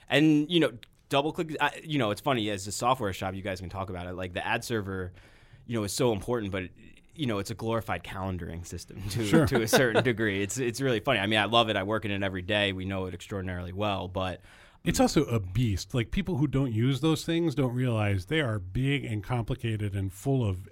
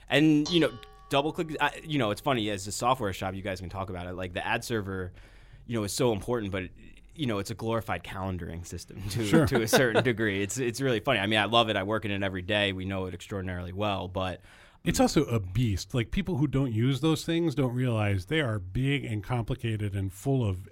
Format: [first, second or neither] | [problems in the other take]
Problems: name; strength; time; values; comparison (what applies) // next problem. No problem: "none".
first | clattering dishes; noticeable; until 7 s; peak 9 dB below the speech